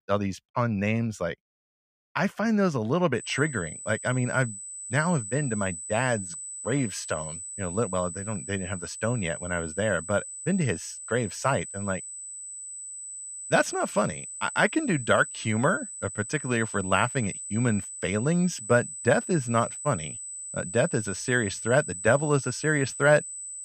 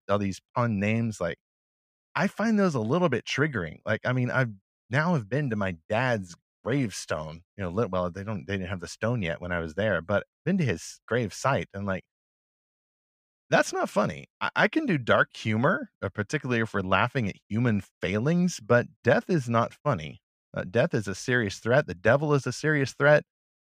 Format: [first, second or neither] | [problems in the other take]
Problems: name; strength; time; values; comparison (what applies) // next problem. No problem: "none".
second | high-pitched whine; loud; from 3 s on; 8 kHz, 9 dB below the speech